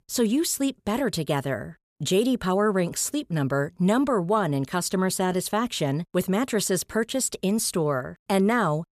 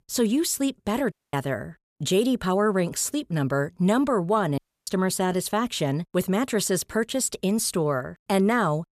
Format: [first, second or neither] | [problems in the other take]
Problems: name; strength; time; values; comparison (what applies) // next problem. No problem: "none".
first | audio cutting out; at 1 s and at 4.5 s